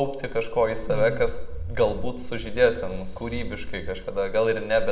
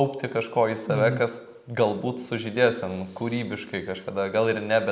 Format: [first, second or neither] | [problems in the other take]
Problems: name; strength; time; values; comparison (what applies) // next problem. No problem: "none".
second | background sound (Walk, footsteps); 4 dB below the speech // room echo; dies away in 0.8 s